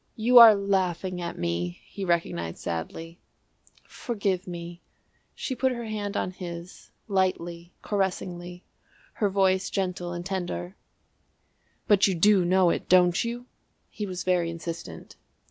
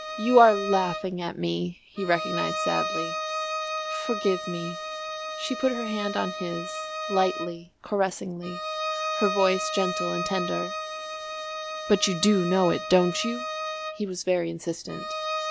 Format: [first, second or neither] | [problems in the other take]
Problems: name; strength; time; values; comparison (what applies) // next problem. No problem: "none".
first | background sound (Bowed string instrument); 5 dB below the speech